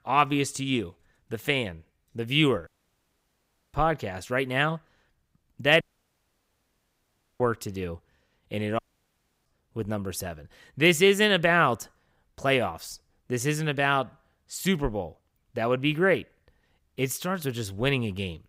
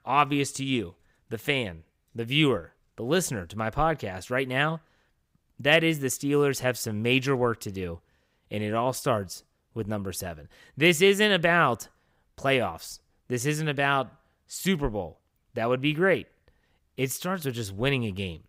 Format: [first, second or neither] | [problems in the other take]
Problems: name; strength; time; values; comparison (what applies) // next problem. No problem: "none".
second | audio cutting out; at 2.5 s for 1 s, at 6 s for 1.5 s and at 9 s for 0.5 s